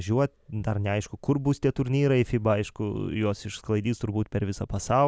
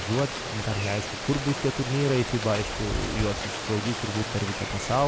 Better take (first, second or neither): first